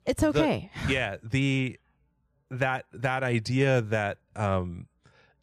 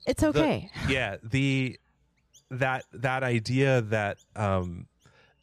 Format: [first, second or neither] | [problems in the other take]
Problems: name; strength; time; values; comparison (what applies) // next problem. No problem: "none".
first | animal sounds; faint; throughout; 30 dB below the speech